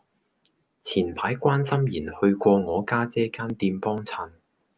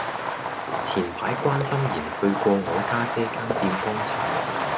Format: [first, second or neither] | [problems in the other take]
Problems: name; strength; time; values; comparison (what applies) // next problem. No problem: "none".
first | background sound (Fireworks); 1 dB below the speech